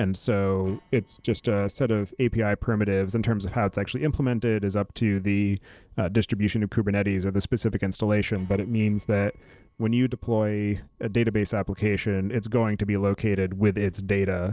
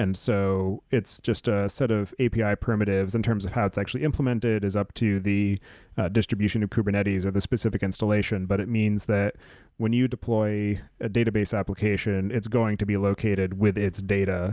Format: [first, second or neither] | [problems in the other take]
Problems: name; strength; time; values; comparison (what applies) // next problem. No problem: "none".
second | noise reduction (neural separator model SepFormer DNS4)